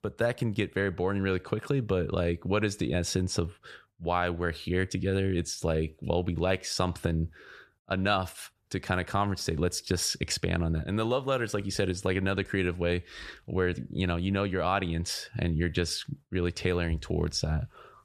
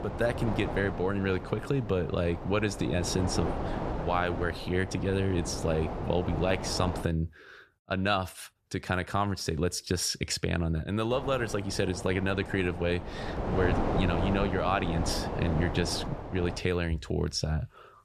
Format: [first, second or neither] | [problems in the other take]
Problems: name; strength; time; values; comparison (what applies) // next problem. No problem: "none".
first | wind noise on the microphone; heavy; until 7 s and from 11 to 17 s; 6 dB below the speech